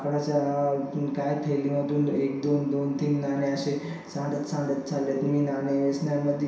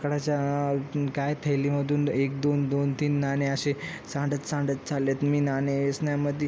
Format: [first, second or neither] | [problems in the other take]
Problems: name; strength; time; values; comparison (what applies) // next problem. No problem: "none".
second | room echo; dies away in 0.7 s